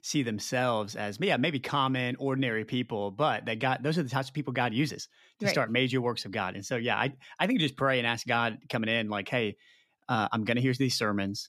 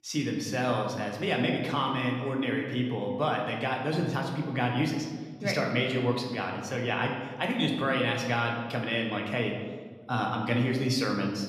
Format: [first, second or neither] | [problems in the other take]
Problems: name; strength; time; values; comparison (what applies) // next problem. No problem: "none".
first | room echo; noticeable; dies away in 1.3 s // off-mic speech; somewhat distant